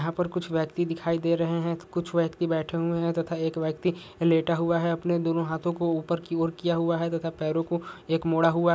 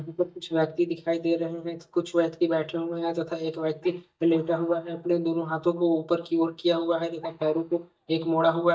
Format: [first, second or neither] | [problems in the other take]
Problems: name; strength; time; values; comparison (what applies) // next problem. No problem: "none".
first | noise reduction (neural mask model DeepFilterNet 3)